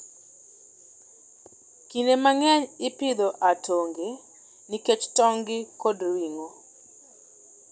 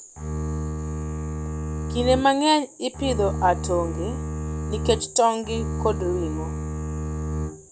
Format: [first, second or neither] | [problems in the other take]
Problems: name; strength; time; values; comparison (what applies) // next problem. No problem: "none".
first | background sound (Bowed string instrument); 3 dB below the speech